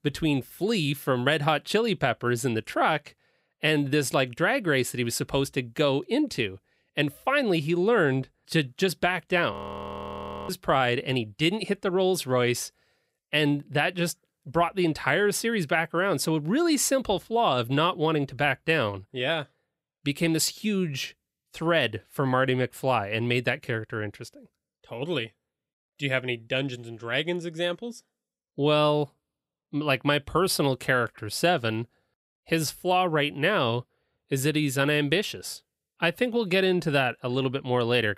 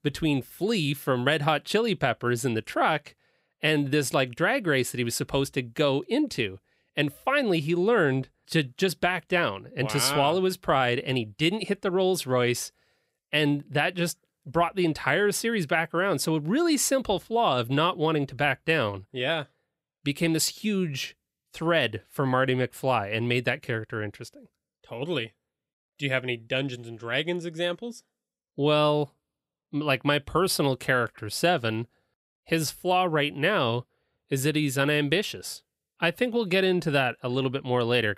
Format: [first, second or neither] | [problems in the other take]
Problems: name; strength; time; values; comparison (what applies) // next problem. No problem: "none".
second | audio freezing; at 9.5 s for 1 s